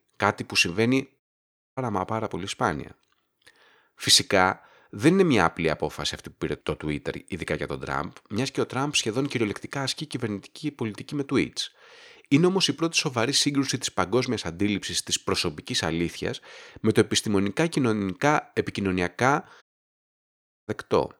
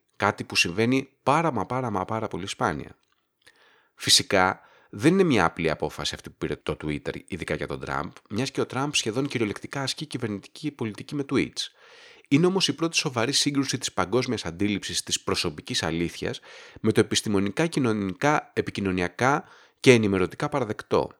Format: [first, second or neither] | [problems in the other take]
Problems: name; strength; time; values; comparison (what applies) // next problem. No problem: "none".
second | audio cutting out; at 1 s for 0.5 s and at 20 s for 1 s